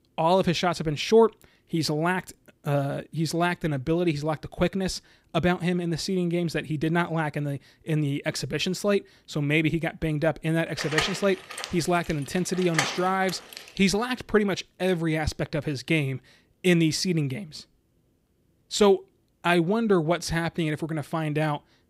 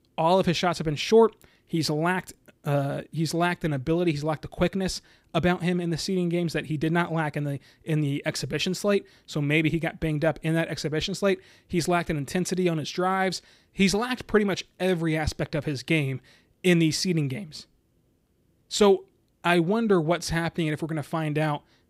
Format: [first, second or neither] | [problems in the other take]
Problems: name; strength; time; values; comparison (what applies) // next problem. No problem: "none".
second | door banging; noticeable; from 11 to 14 s; peak 1 dB below the speech